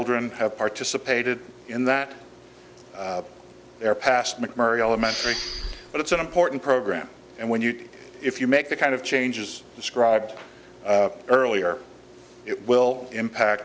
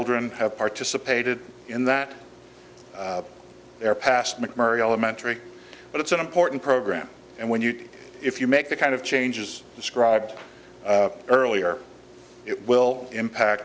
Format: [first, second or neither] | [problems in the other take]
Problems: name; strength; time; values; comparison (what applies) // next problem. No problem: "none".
second | background sound (Respiratory sounds); 8 dB below the speech